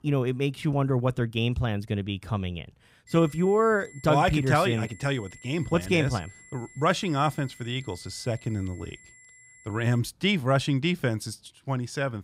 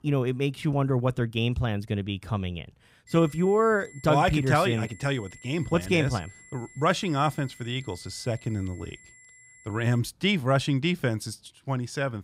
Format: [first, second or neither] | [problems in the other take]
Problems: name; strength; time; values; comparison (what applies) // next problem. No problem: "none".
neither | high-pitched whine; faint; from 3 to 10 s; 2 kHz, 25 dB below the speech; the same in both